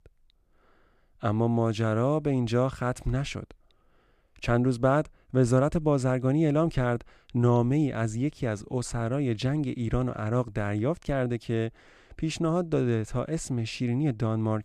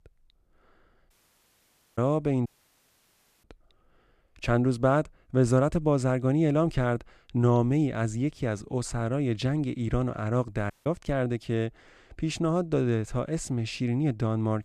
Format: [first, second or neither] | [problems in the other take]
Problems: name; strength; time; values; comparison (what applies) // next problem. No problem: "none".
first | audio cutting out; at 1 s for 1 s, at 2.5 s for 1 s and at 11 s